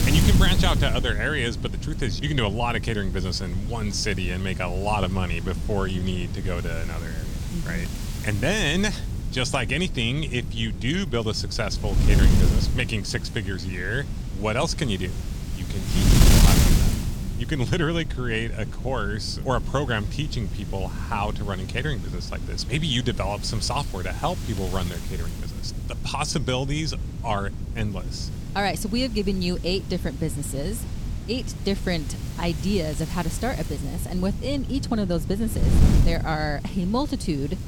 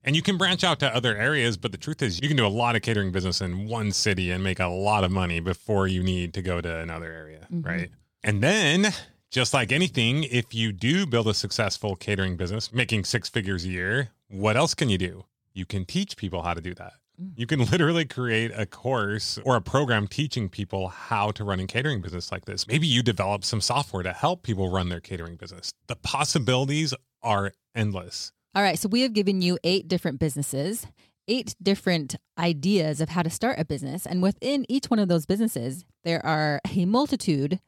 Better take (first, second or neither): second